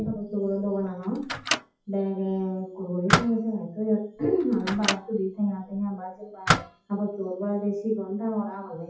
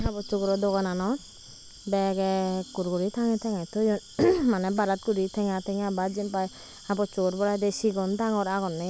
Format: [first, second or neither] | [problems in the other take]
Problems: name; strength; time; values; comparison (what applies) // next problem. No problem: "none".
second | noise reduction (classical method WPE with log-MMSE)